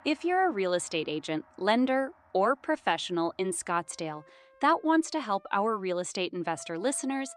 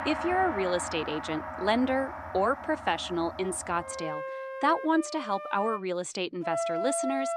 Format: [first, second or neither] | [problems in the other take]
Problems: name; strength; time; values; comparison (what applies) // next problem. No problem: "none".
first | background music; loud; throughout; 7 dB below the speech; faint in the first